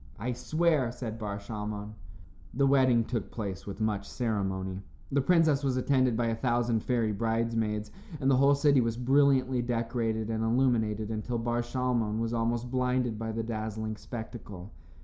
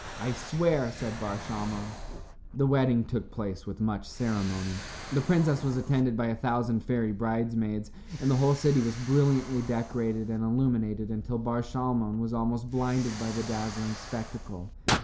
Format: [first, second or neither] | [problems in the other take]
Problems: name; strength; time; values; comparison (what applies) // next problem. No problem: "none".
first | background sound (Explosion); 13 dB below the speech